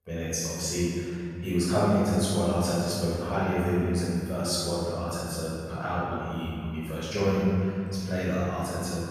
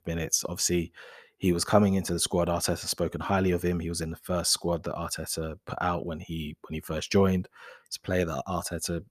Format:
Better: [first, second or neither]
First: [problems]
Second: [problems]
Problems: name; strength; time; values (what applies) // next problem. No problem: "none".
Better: second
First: off-mic speech; far // room echo; strong; dies away in 2.9 s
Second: none